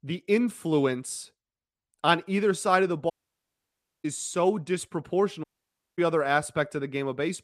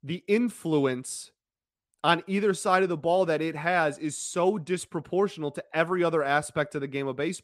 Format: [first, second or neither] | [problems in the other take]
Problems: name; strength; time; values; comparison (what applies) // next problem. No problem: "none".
second | audio cutting out; at 3 s for 1 s and at 5.5 s for 0.5 s